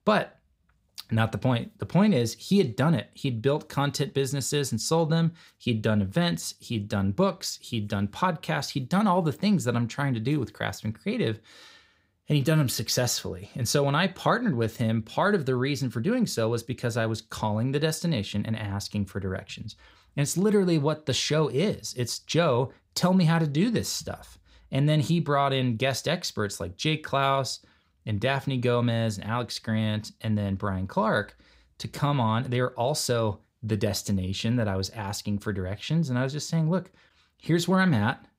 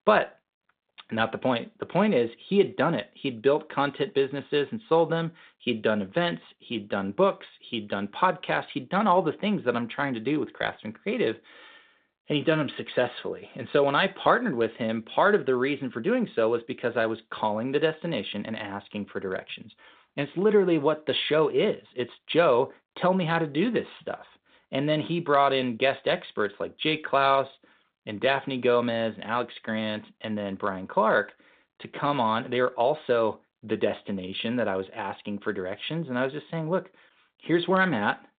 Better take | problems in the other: first | phone-call audio; nothing above 3.5 kHz

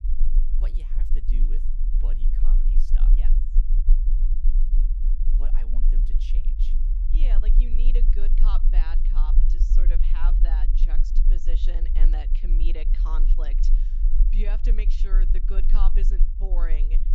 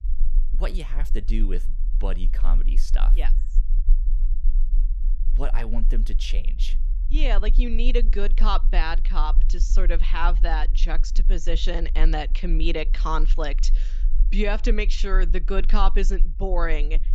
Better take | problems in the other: second | low rumble; loud; throughout; 7 dB below the speech; faint in the second

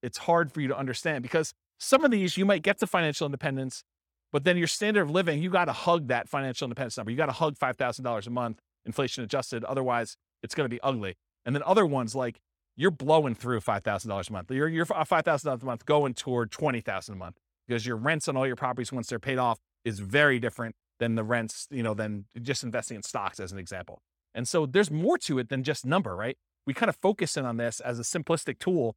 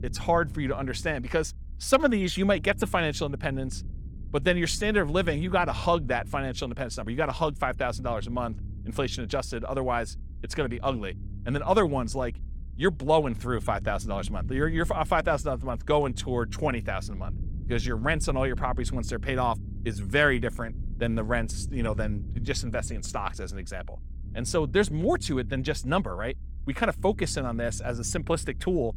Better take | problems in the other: first | low rumble; faint; throughout; 25 dB below the speech

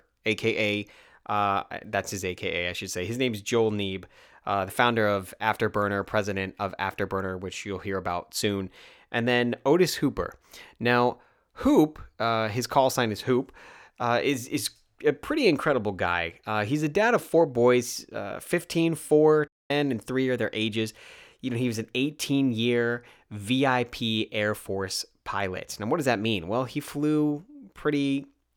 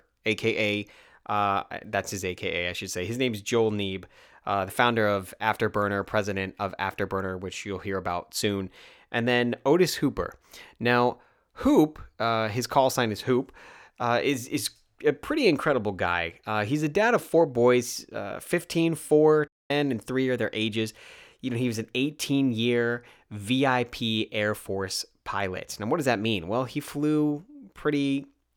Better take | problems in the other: neither | audio cutting out; at 19 s; the same in both

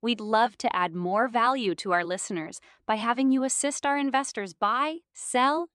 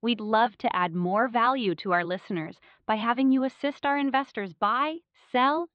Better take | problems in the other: first | muffled; very; fading above 4 kHz

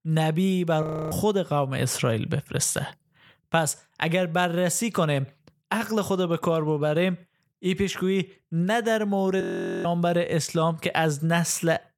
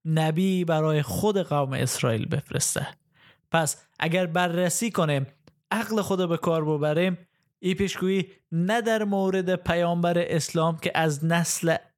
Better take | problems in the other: second | audio freezing; at 1 s and at 9.5 s

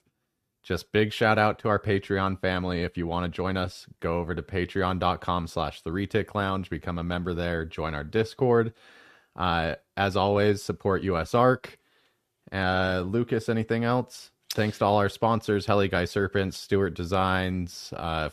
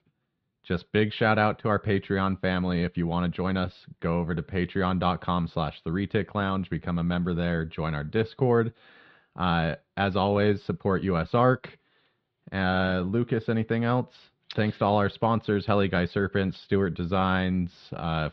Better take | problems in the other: first | muffled; very slightly; fading above 4 kHz

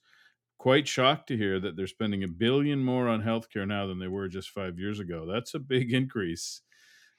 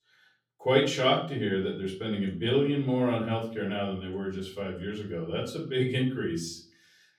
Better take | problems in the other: first | room echo; slight; dies away in 0.4 s // off-mic speech; far

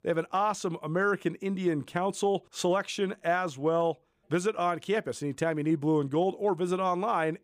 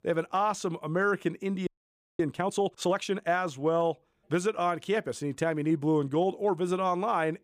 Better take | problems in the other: first | audio freezing; at 1.5 s for 0.5 s

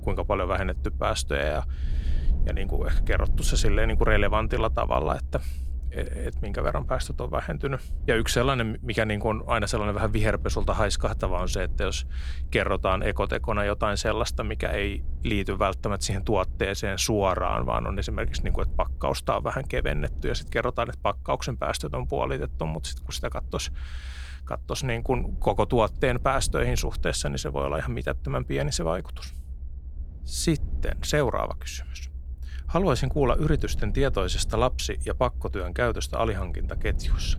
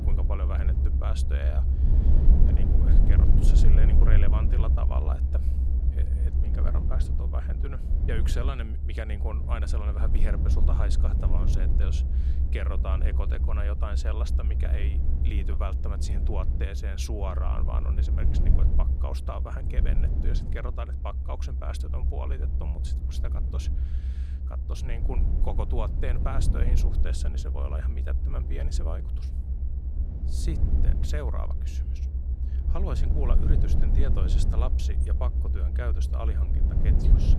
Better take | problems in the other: first | low rumble; loud; throughout; 3 dB below the speech; faint in the first

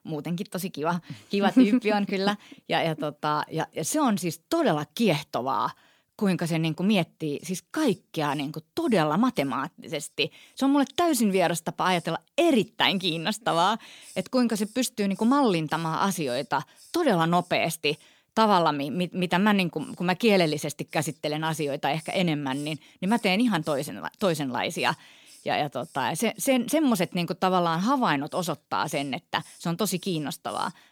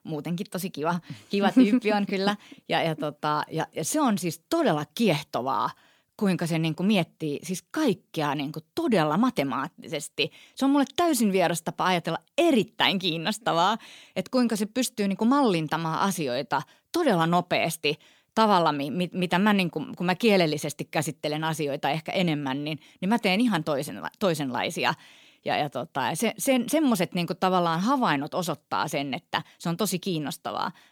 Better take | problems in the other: second | hiss; faint; from 7.5 s on; 25 dB below the speech

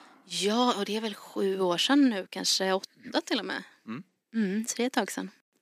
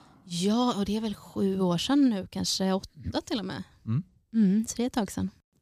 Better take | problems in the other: second | thin; very slightly; fading below 250 Hz

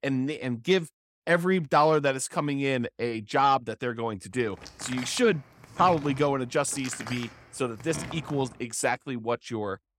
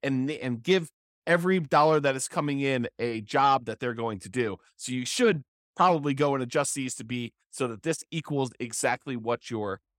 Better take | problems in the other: second | door banging; faint; from 4.5 to 8.5 s; peak 10 dB below the speech

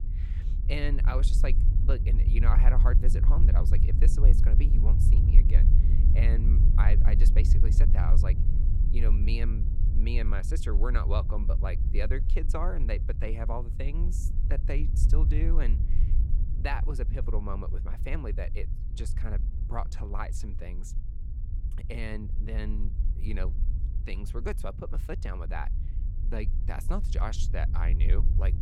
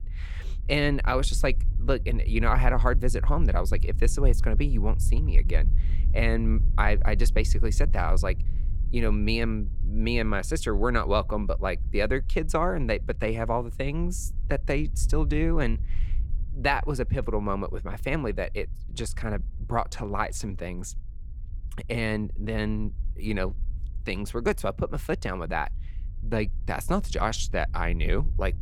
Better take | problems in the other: second | low rumble; loud; throughout; 7 dB below the speech; faint in the second

